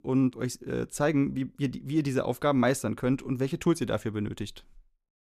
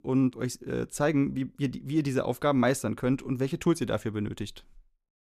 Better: neither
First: none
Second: none

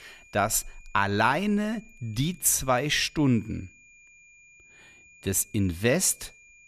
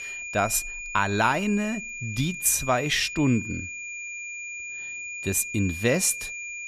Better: first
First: high-pitched whine; faint; throughout; 2.5 kHz, 25 dB below the speech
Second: high-pitched whine; loud; throughout; 2.5 kHz, 8 dB below the speech

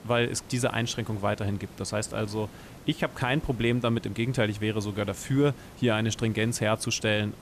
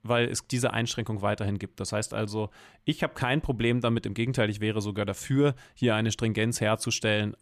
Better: second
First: hiss; noticeable; throughout; 20 dB below the speech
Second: none

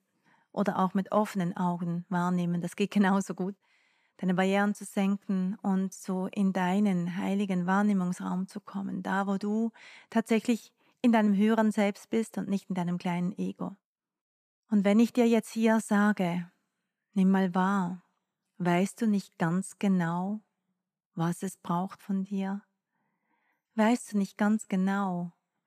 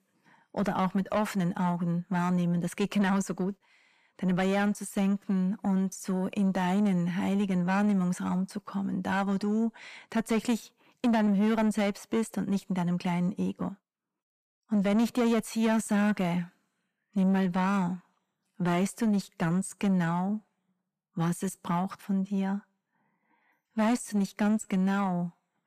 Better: first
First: none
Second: distortion; slight; 10 dB below the speech

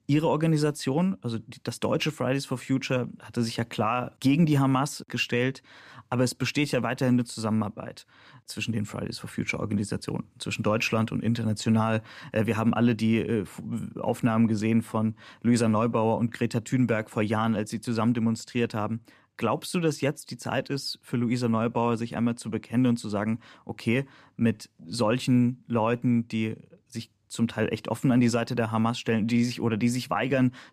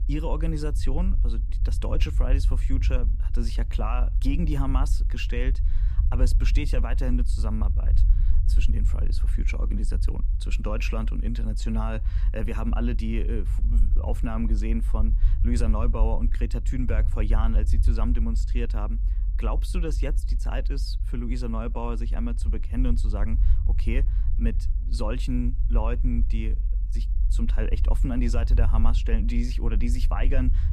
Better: first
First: none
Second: low rumble; noticeable; throughout; 10 dB below the speech

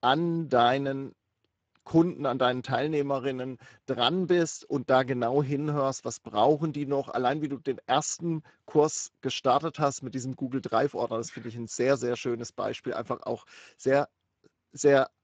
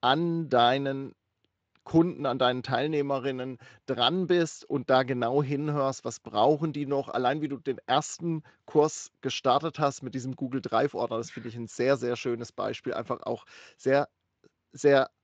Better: second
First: garbled, watery; badly; nothing above 7.5 kHz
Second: garbled, watery; slightly; nothing above 7.5 kHz

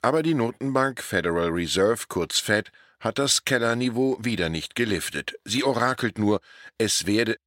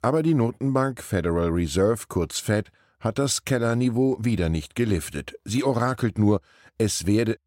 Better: second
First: thin; very slightly; fading below 350 Hz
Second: none

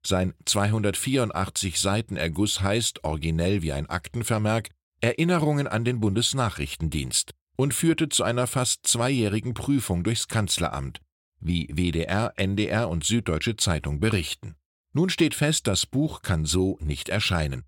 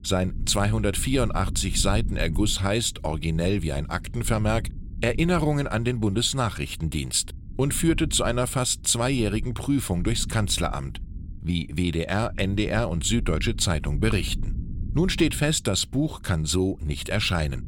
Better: first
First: none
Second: low rumble; faint; throughout; 20 dB below the speech

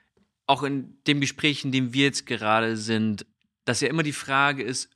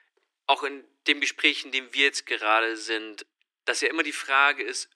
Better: first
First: none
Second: thin; very; fading below 300 Hz

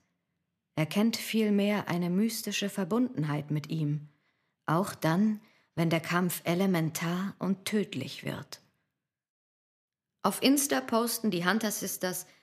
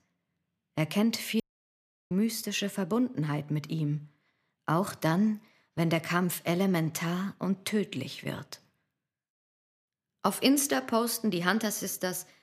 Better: first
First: none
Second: audio cutting out; at 1.5 s for 0.5 s

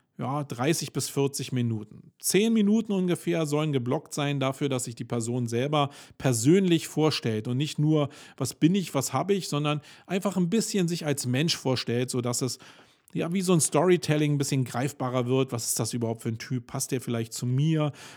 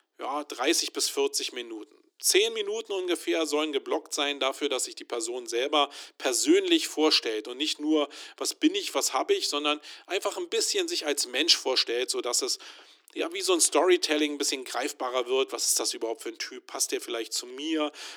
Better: first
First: none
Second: thin; very; fading below 300 Hz

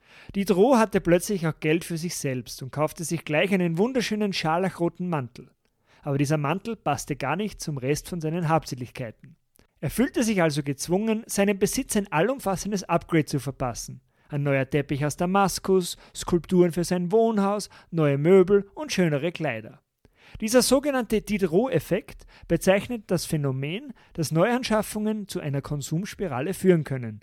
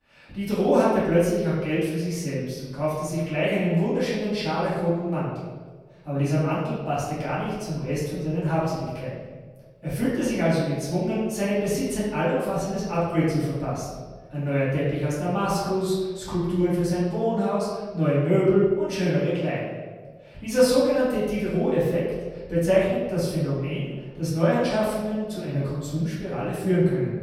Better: first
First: none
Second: room echo; noticeable; dies away in 1.4 s // off-mic speech; far

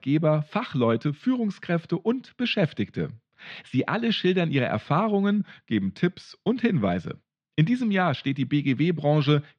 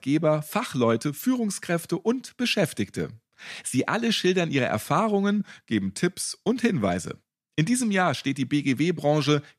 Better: second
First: muffled; slightly; fading above 3.5 kHz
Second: none

